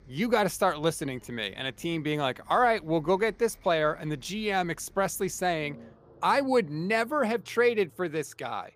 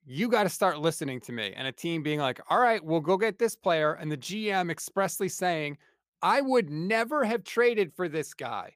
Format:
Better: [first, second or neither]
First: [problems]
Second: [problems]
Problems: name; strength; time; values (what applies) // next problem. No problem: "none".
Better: second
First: traffic noise; faint; throughout; 30 dB below the speech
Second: none